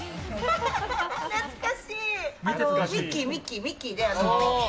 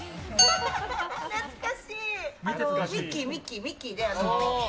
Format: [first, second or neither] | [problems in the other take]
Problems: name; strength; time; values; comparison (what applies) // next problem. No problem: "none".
first | background sound (Glass); 1 dB below the speech